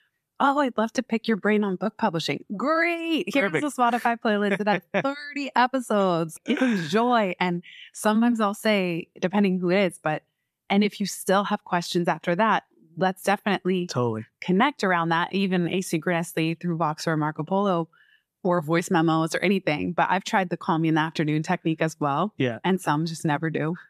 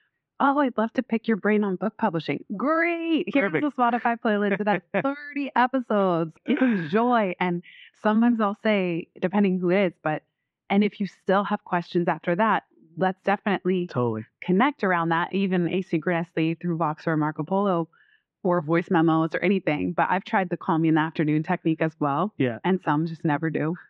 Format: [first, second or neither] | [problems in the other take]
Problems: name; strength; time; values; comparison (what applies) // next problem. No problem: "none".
first | muffled; very; fading above 2.5 kHz